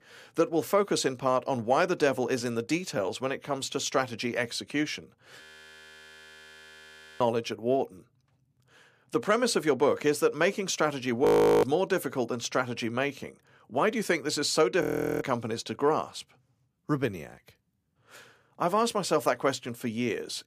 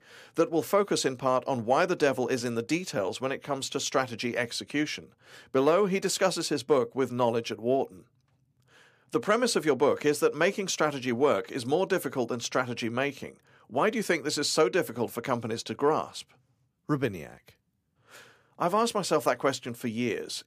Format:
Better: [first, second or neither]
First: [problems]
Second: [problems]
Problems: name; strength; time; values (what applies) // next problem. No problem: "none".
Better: second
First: audio freezing; at 5.5 s for 2 s, at 11 s and at 15 s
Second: none